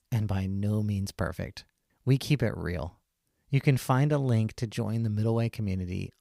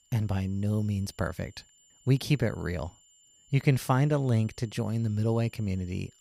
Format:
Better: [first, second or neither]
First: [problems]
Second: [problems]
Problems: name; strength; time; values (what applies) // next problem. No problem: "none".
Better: first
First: none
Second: high-pitched whine; faint; throughout; 7 kHz, 30 dB below the speech